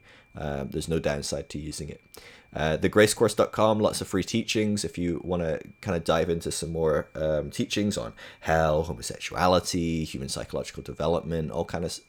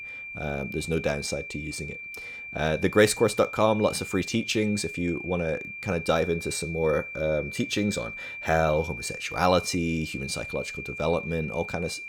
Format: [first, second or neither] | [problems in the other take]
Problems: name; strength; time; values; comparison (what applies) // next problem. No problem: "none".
first | high-pitched whine; loud; throughout; 2.5 kHz, 9 dB below the speech; faint in the first